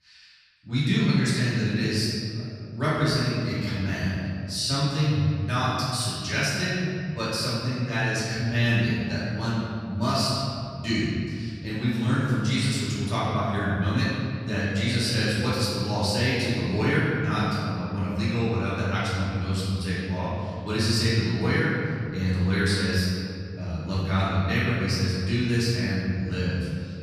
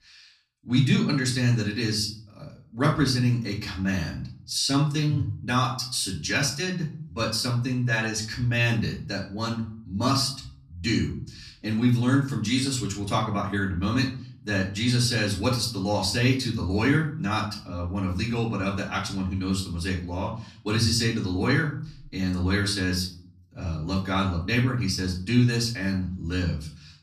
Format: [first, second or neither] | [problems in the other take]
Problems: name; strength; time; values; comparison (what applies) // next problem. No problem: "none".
second | room echo; strong; dies away in 2.5 s; slight in the second // off-mic speech; far; far in the second